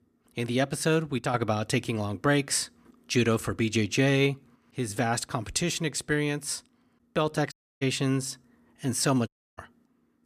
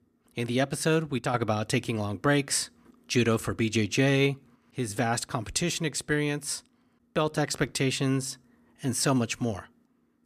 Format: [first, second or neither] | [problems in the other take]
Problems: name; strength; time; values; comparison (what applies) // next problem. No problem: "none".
second | audio cutting out; at 7.5 s and at 9.5 s